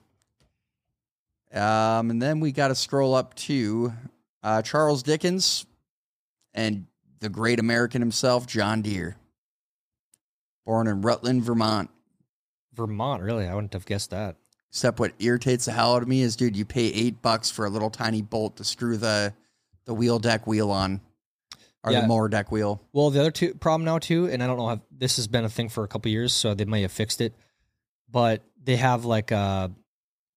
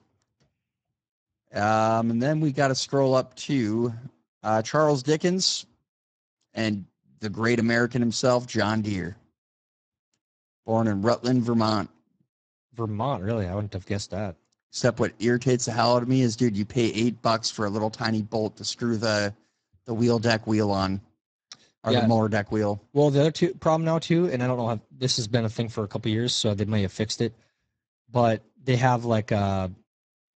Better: first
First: none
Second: garbled, watery; badly; nothing above 7.5 kHz

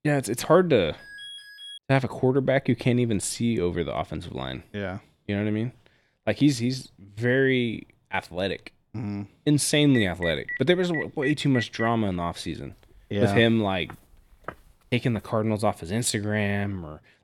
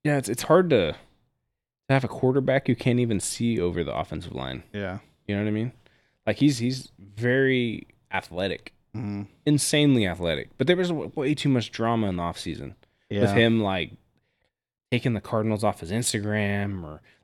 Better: second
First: alarm; faint; at 1 s; peak 15 dB below the speech // phone ringing; noticeable; from 10 to 12 s; peak 6 dB below the speech // footsteps; faint; from 13 to 15 s; peak 15 dB below the speech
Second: none

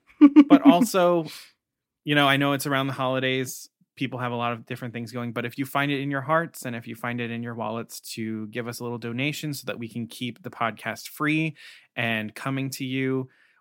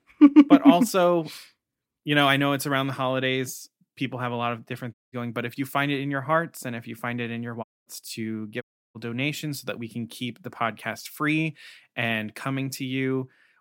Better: first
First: none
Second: audio cutting out; at 5 s, at 7.5 s and at 8.5 s

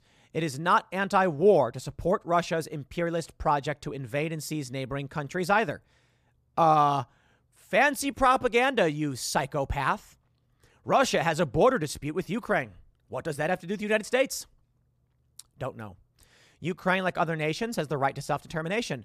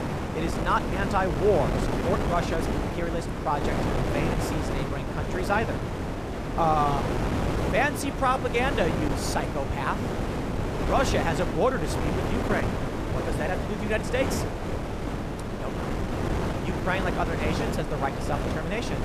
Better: first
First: none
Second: wind noise on the microphone; heavy; 4 dB below the speech

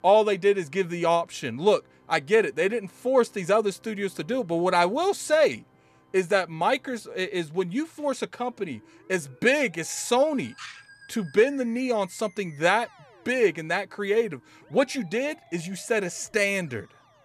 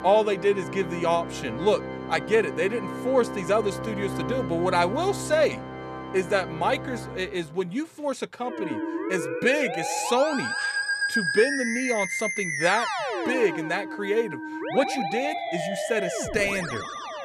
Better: first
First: background music; faint; throughout; 30 dB below the speech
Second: background music; loud; throughout; 4 dB below the speech

